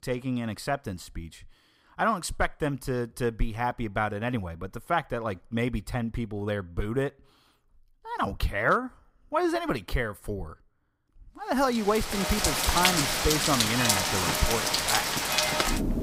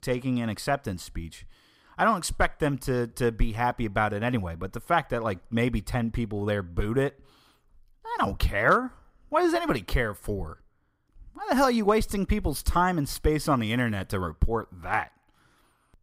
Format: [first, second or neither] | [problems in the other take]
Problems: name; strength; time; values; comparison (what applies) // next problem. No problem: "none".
second | rain or running water; very loud; from 12 s on; 5 dB above the speech